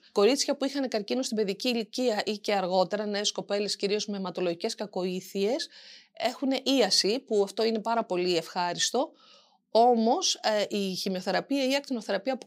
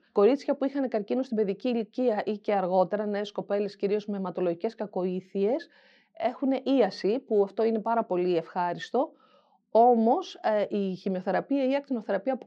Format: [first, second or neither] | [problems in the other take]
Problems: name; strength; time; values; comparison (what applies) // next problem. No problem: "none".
first | muffled; very; fading above 1.5 kHz